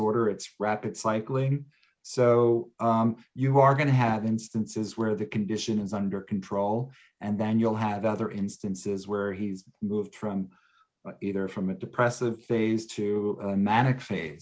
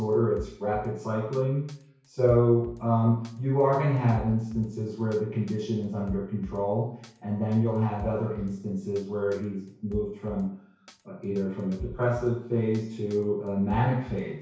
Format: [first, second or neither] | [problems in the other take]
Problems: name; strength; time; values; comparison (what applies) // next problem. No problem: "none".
first | background sound (Drum kit); 18 dB below the speech // room echo; dies away in 0.6 s